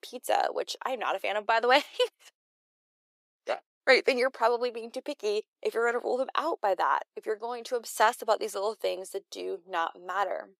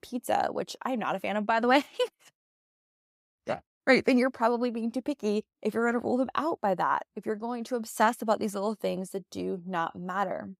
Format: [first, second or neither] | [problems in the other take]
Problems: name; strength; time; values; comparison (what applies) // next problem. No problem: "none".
second | thin; very; fading below 400 Hz